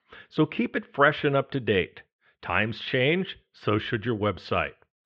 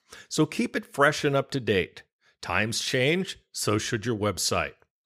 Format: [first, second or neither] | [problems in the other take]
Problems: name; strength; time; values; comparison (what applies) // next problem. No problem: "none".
second | muffled; very; fading above 3 kHz